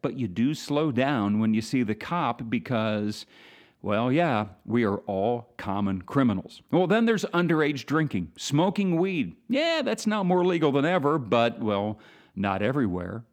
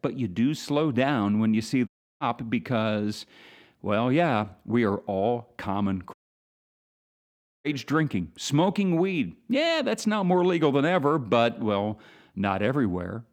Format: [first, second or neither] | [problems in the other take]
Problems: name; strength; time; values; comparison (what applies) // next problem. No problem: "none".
first | audio cutting out; at 2 s and at 6 s for 1.5 s